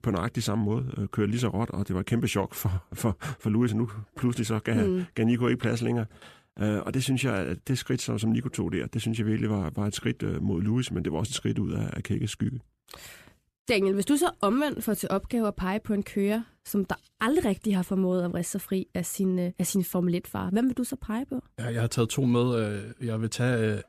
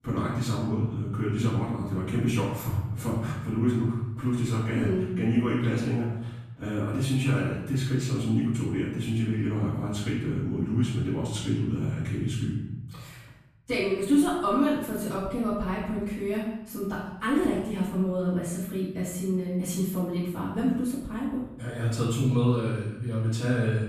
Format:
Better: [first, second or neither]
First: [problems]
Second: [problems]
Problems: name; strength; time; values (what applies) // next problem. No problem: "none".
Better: first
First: none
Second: off-mic speech; far // room echo; noticeable; dies away in 1 s